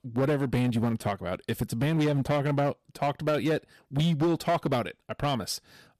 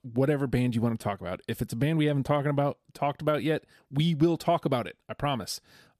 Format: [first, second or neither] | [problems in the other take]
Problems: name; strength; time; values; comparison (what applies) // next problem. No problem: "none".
second | distortion; slight; 10% of the sound clipped